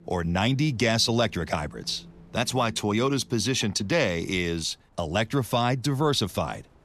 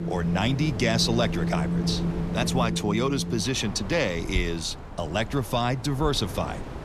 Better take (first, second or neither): first